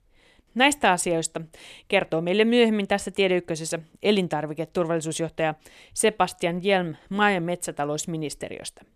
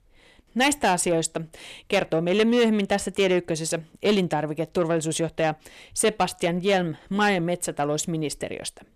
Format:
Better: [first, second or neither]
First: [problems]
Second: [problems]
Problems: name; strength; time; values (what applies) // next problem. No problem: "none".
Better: first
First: none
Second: distortion; slight; 10 dB below the speech